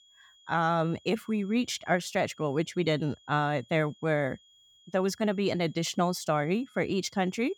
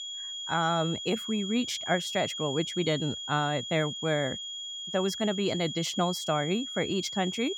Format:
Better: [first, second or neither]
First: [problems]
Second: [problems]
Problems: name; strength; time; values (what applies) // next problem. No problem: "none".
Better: first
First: high-pitched whine; faint; throughout; 3.5 kHz, 30 dB below the speech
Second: high-pitched whine; loud; throughout; 3.5 kHz, 5 dB below the speech